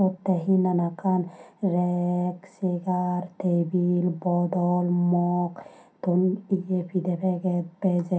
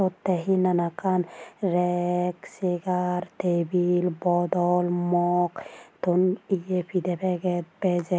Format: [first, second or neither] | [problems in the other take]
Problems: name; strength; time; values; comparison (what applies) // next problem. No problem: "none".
second | room echo; dies away in 0.3 s